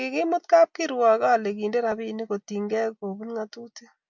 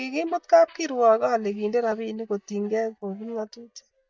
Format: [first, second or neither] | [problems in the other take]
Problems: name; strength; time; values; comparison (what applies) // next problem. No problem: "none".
first | noise reduction (neural mask model DeepFilterNet 3)